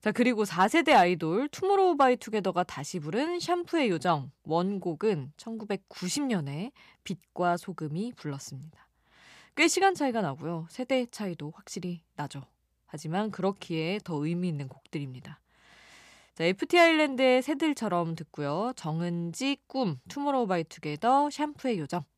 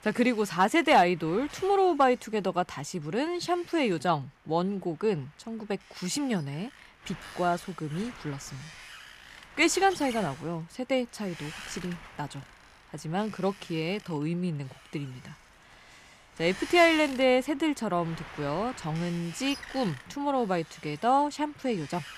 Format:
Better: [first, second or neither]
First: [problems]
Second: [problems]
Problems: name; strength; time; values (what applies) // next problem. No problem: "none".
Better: first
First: none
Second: wind noise on the microphone; occasional gusts; 15 dB below the speech